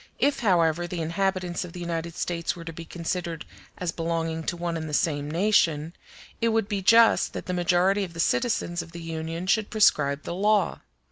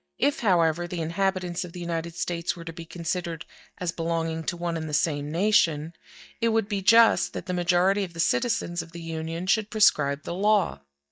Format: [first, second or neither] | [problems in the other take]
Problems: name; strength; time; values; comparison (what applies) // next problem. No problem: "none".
first | noise reduction (neural mask model DeepFilterNet 3)